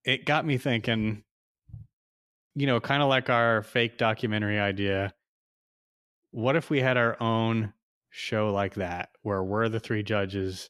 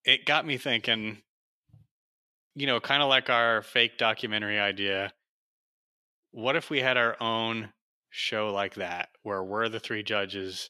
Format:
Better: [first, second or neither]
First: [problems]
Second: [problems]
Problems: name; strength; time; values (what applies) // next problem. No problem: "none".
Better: first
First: none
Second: thin; somewhat; fading below 500 Hz